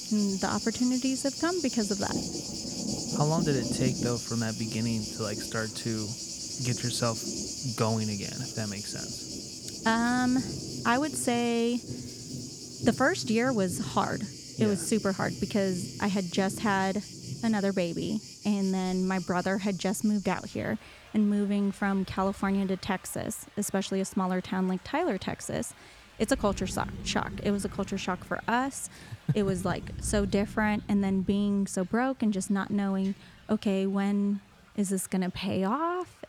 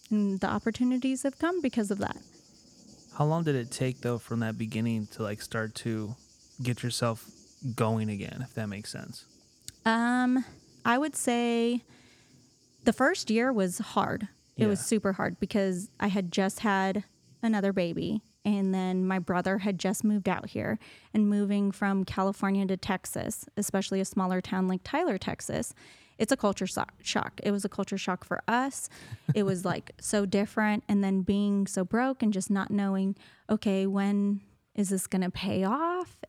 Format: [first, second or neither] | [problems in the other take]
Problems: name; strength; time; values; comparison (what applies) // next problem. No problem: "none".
second | rain or running water; loud; throughout; 7 dB below the speech; faint in the second